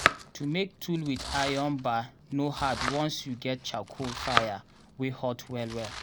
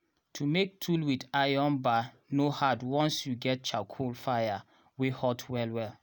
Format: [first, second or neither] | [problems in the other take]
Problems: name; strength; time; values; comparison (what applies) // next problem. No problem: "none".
second | background sound (Domestic sounds, home sounds); 3 dB below the speech